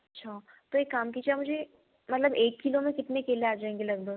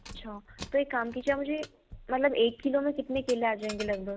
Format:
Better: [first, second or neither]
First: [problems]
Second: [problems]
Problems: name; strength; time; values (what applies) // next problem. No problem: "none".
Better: first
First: none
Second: background sound (Keys jangling); 17 dB below the speech